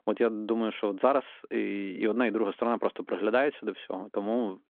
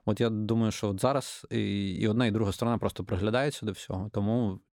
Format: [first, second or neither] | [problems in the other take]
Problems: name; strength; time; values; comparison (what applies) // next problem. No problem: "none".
second | phone-call audio